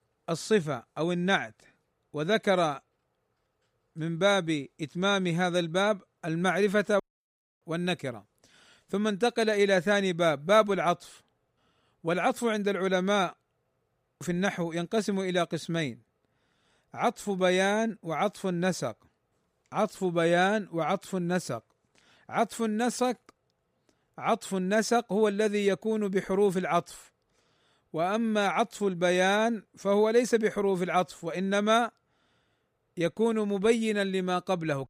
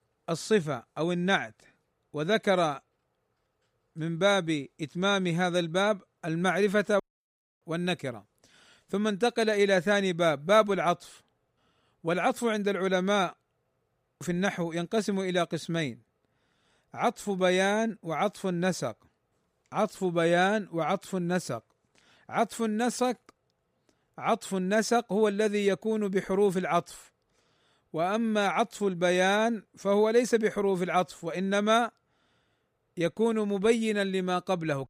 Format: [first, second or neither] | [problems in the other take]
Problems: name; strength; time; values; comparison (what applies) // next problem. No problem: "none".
neither | none